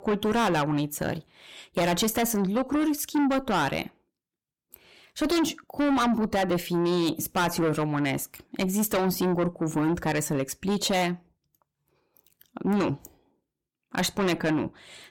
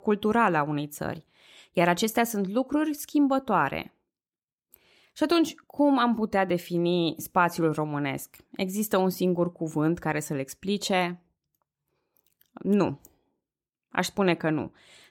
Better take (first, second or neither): second